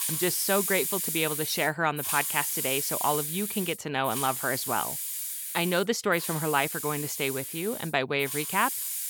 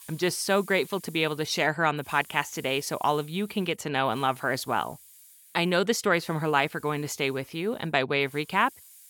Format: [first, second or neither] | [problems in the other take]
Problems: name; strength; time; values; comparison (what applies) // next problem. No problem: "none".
second | hiss; loud; throughout; 2 dB below the speech; faint in the second